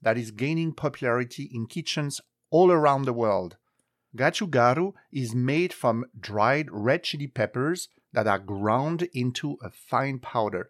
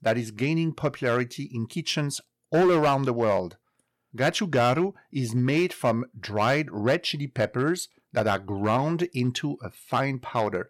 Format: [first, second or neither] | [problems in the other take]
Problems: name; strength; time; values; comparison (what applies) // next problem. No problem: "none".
first | distortion; slight; 4% of the sound clipped